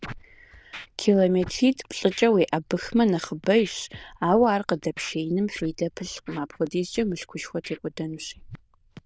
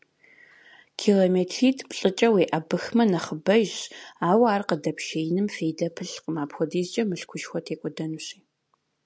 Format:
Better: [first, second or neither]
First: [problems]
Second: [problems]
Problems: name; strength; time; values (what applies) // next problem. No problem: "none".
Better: second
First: noise reduction (neural diffusion model UNIVERSE++)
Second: none